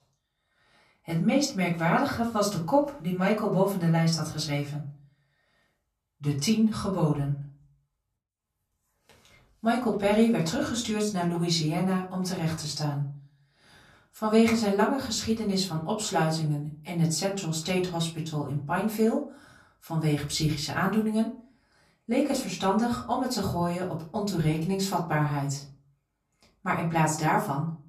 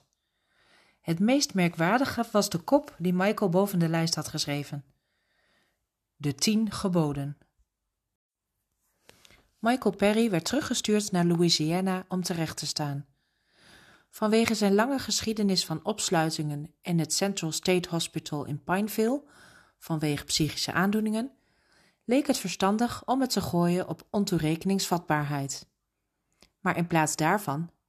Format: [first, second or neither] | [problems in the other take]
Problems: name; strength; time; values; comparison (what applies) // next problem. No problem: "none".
second | room echo; very slight; dies away in 0.4 s // off-mic speech; far